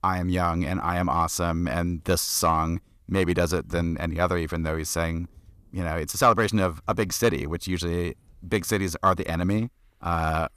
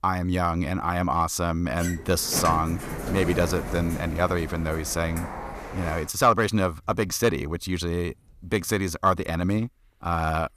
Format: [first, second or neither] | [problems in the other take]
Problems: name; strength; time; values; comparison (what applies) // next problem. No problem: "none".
first | door banging; noticeable; from 2 to 6 s; peak 5 dB below the speech